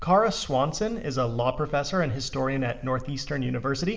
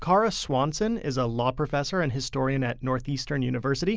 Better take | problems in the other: second | room echo; dies away in 1.6 s

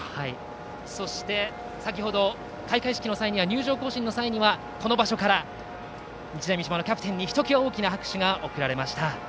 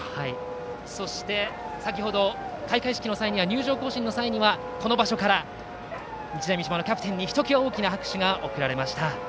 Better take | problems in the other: first | background sound (Dog); 11 dB below the speech

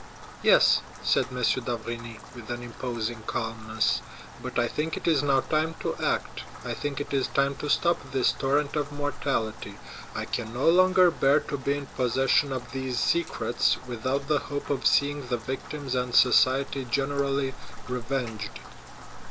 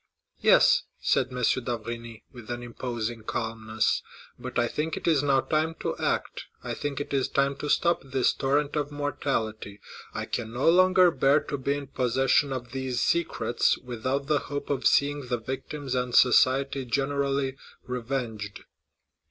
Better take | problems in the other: second | background sound (Rain); 13 dB below the speech

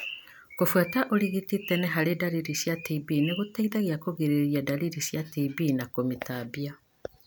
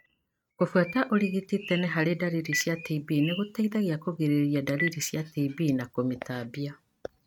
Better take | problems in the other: first | noise reduction (neural mask model RNNoise)

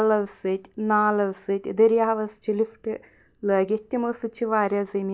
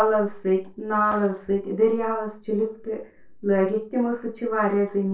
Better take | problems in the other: first | noise reduction (neural separator model SepFormer DNS4)

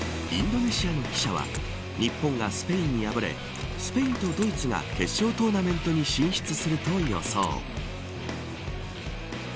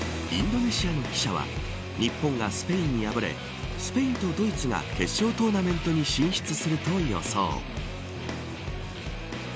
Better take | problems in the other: second | background sound (Coin (dropping)); 19 dB below the speech

